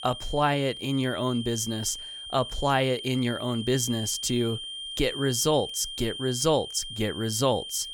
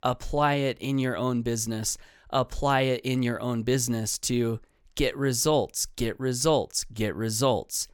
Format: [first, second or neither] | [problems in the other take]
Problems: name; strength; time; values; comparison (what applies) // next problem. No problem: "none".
second | high-pitched whine; loud; throughout; 3 kHz, 8 dB below the speech